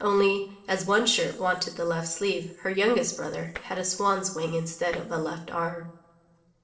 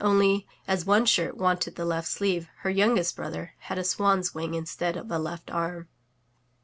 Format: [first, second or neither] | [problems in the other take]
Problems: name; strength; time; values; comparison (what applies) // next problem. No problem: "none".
second | noise reduction (neural separator model SepFormer DNS4)